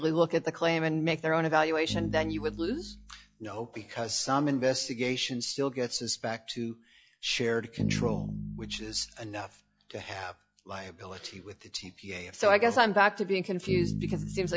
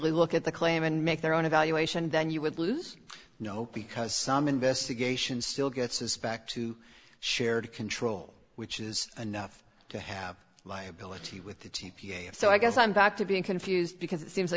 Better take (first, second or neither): second